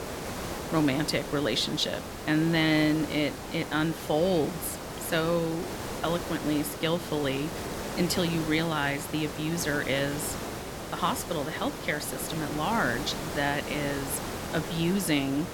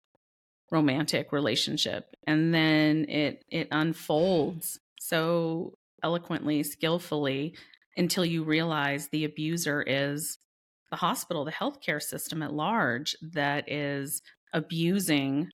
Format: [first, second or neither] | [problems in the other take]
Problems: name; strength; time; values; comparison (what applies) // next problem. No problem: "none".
second | hiss; loud; throughout; 7 dB below the speech